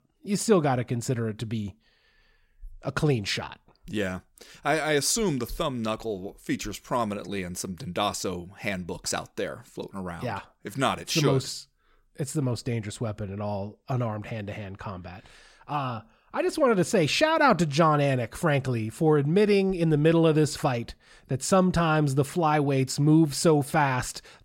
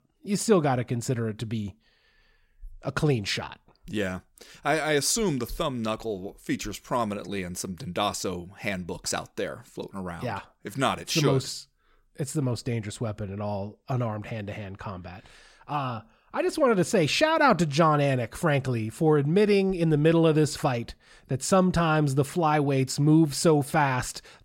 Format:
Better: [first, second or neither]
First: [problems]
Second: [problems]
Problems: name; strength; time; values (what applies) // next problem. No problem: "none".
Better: neither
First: none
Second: none